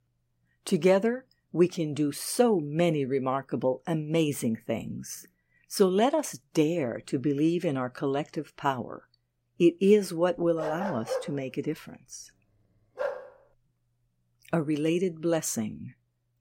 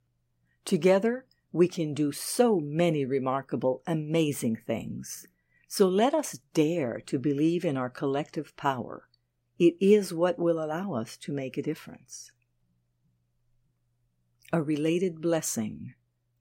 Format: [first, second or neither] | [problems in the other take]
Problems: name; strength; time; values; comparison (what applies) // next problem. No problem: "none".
second | dog barking; noticeable; from 11 to 13 s; peak 6 dB below the speech